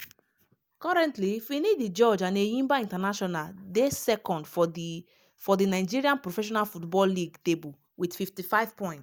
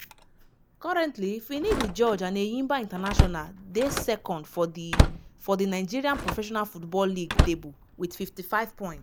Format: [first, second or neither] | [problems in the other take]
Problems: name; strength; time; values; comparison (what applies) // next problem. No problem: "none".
first | background sound (Slam); 1 dB below the speech